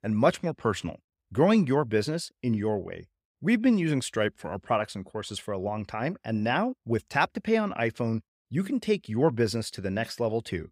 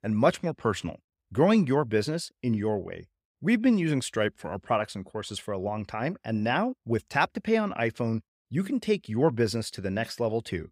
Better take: neither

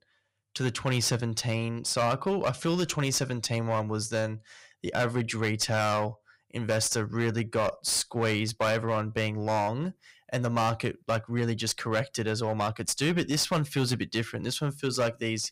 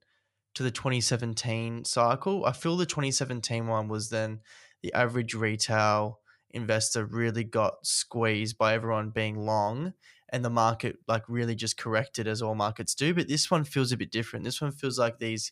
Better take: second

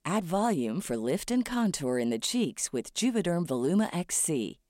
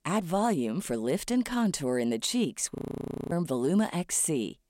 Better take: first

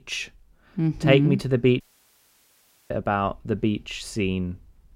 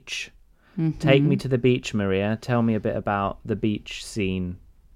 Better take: second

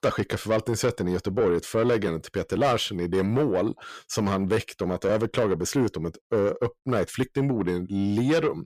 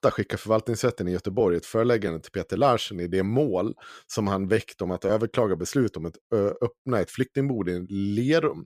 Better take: second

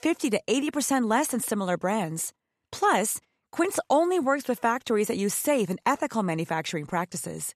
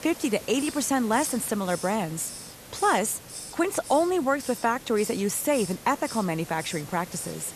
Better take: first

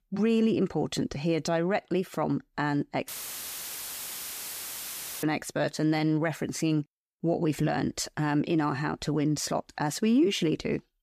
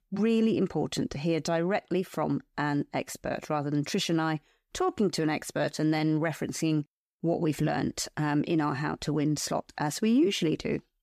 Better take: second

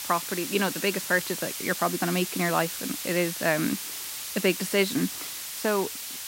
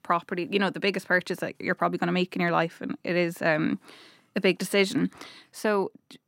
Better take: second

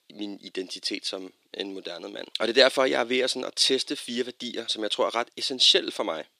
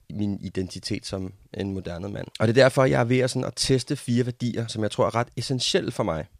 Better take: second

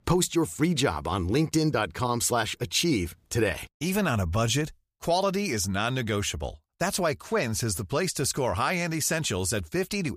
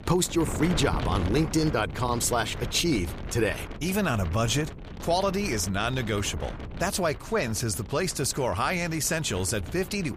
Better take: first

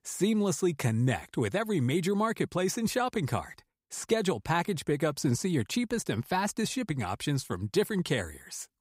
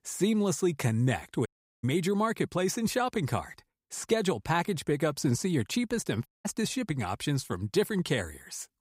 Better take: first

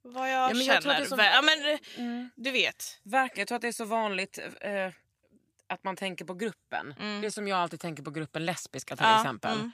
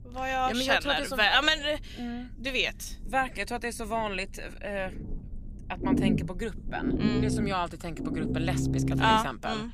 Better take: first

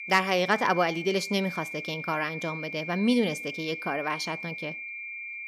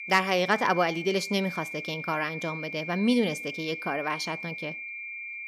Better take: neither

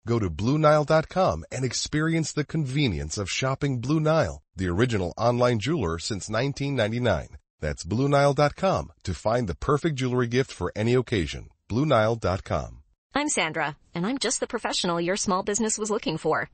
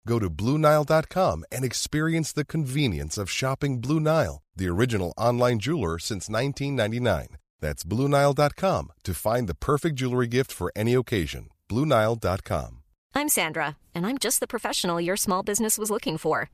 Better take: second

